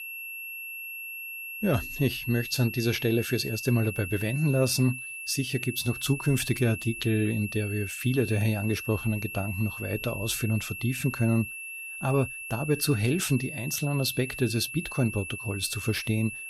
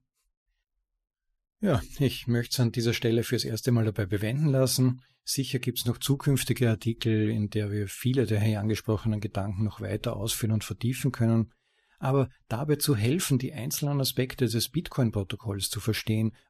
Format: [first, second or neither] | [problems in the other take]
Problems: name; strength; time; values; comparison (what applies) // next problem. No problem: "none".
second | high-pitched whine; loud; throughout; 2.5 kHz, 8 dB below the speech